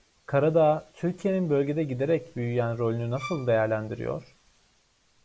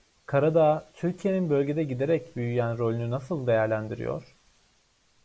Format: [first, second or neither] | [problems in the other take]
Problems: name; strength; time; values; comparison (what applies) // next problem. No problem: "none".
second | background sound (Bowed string instrument); 15 dB below the speech